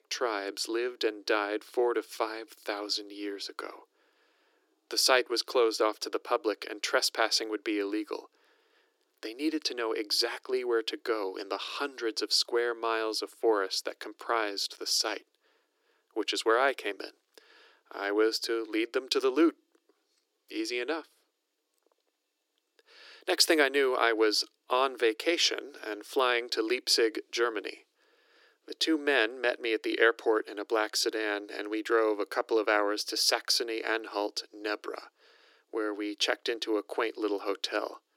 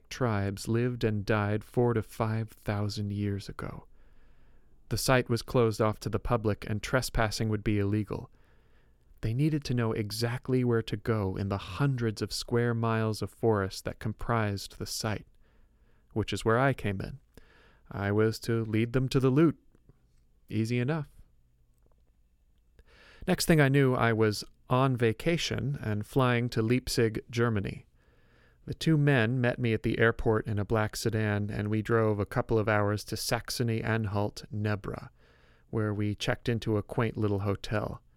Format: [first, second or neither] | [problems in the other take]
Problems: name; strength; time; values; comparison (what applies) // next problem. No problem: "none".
second | thin; very; fading below 300 Hz